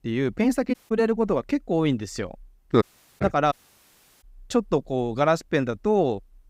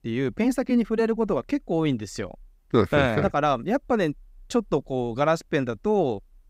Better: second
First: audio cutting out; at 0.5 s, at 3 s and at 3.5 s for 0.5 s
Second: none

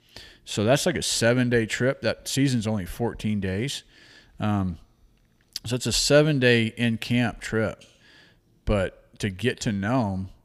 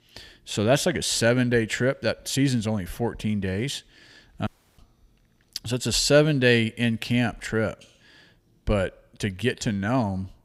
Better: first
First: none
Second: audio cutting out; at 4.5 s

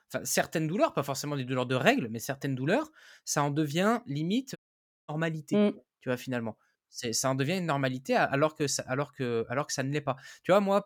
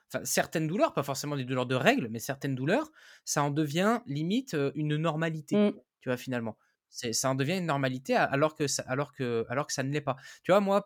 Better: second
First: audio cutting out; at 4.5 s for 0.5 s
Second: none

